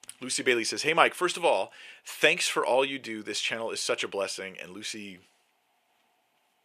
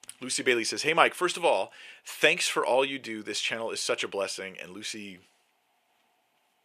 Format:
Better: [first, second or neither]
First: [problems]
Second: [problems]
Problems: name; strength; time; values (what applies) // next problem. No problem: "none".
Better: neither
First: thin; somewhat; fading below 450 Hz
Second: thin; somewhat; fading below 450 Hz